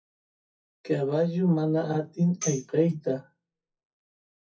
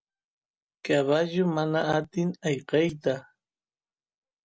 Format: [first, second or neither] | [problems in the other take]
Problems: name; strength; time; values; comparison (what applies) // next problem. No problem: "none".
second | noise reduction (classical method WPE with log-MMSE)